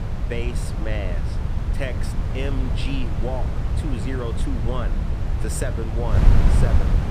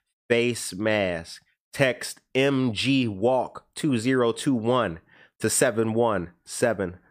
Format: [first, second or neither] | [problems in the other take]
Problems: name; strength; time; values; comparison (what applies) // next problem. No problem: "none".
second | wind noise on the microphone; heavy; 2 dB below the speech